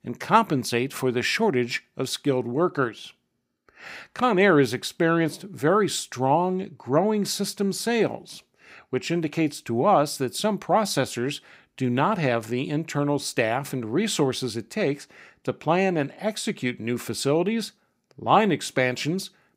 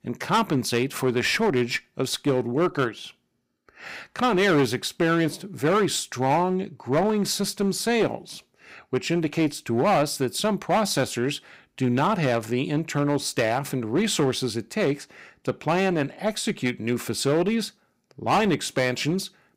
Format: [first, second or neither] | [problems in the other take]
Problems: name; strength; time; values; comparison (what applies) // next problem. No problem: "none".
first | distortion; slight; 8% of the sound clipped